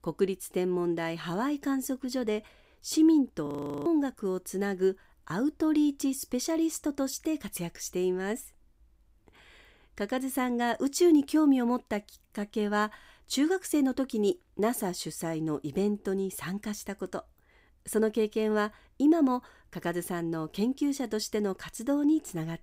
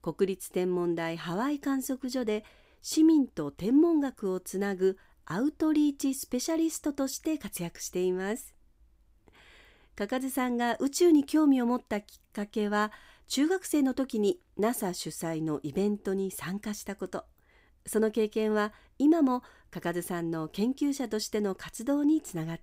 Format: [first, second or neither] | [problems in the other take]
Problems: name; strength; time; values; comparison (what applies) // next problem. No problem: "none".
second | audio freezing; at 3.5 s